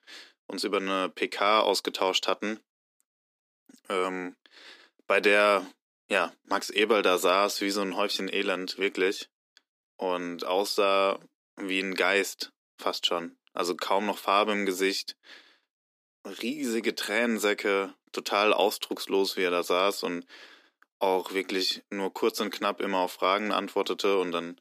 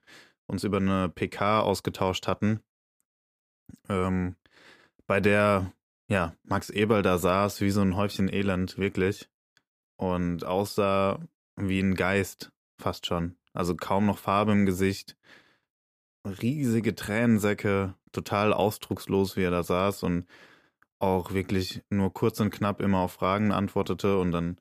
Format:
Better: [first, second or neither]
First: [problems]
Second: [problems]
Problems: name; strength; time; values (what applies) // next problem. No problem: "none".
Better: second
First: thin; somewhat; fading below 250 Hz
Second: none